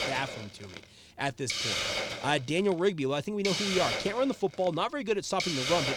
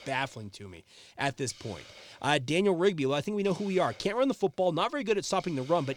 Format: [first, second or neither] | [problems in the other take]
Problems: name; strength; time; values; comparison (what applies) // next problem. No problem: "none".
second | hiss; loud; throughout; 2 dB below the speech; faint in the second